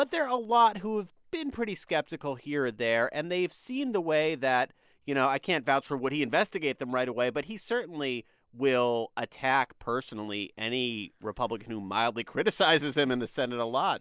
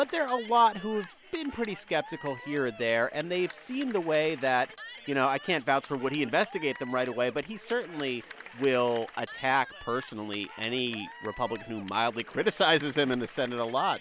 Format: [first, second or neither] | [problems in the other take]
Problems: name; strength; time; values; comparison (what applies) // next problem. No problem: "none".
first | background sound (Cheering / Clapping); 17 dB below the speech